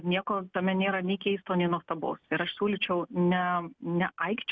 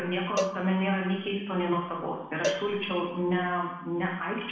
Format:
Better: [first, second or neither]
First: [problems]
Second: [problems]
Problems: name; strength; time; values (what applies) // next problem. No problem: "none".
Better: first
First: none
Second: background sound (Cowbell); 9 dB below the speech // room echo; dies away in 0.9 s